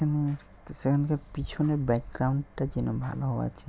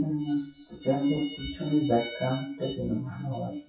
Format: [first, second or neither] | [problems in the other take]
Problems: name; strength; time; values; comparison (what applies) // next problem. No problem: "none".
first | noise reduction (classical method WPE with log-MMSE)